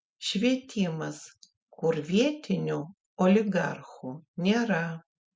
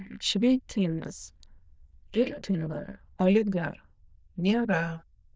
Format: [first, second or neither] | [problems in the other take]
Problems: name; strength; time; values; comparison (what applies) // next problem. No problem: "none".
first | noise reduction (neural diffusion model UNIVERSE++)